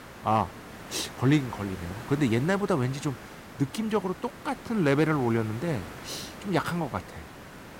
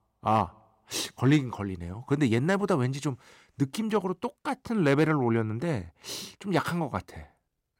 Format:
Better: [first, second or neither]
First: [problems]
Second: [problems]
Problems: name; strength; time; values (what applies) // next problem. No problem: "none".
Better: second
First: hiss; noticeable; throughout; 15 dB below the speech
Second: none